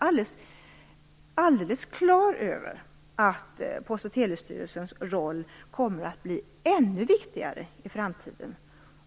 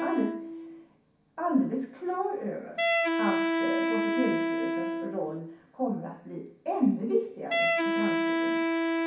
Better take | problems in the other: first | background sound (Wind instrument, woodwind instrument); 2 dB above the speech // room echo; dies away in 0.6 s

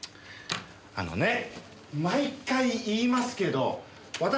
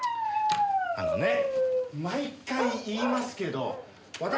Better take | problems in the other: first | background sound (Bark); 3 dB above the speech

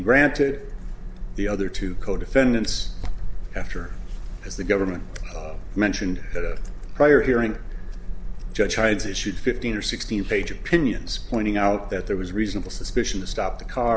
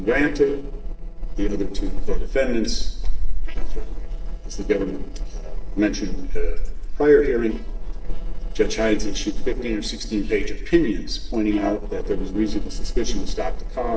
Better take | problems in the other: first | noise reduction (neural separator model SepFormer DNS4)

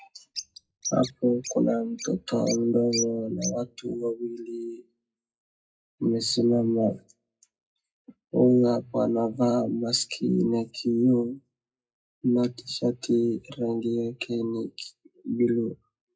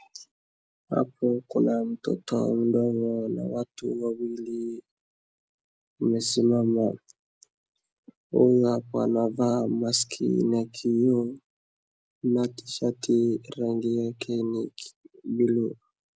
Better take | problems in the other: second | noise reduction (classical method WPE with log-MMSE)

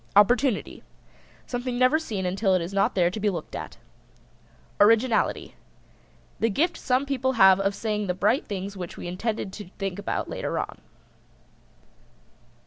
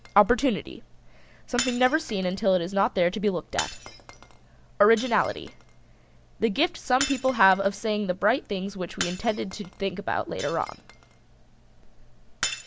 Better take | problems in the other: first | background sound (Shatter); 13 dB below the speech

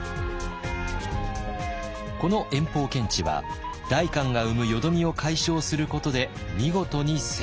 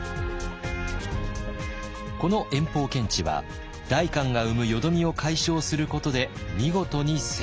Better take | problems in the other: second | background sound (Motor vehicle (road) / Siren); 15 dB below the speech

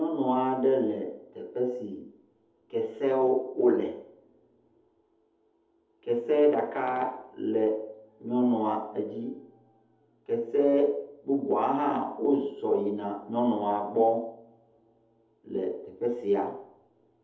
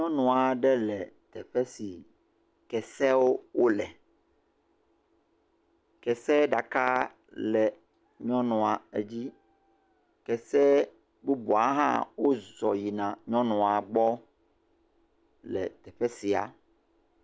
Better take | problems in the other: second | room echo; dies away in 0.7 s

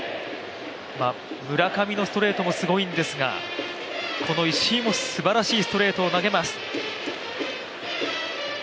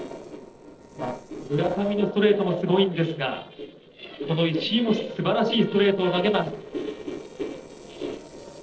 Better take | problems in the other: first | noise reduction (neural separator model SepFormer DNS4)

